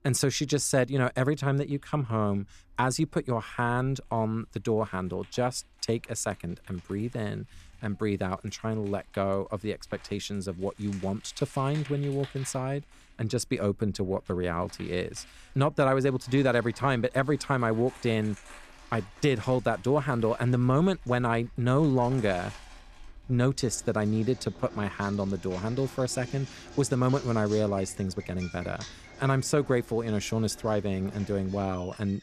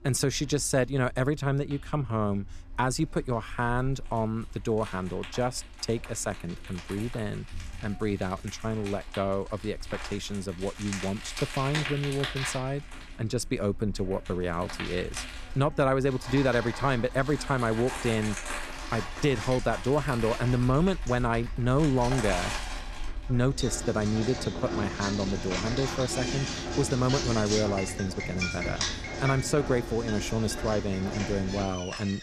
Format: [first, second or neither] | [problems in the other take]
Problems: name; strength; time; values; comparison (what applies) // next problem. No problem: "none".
first | household noises; loud; throughout; 7 dB below the speech; faint in the first